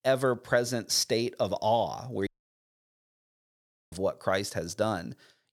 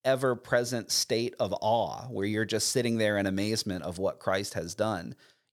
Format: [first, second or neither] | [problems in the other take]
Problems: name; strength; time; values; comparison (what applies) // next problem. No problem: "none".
second | audio cutting out; at 2.5 s for 1.5 s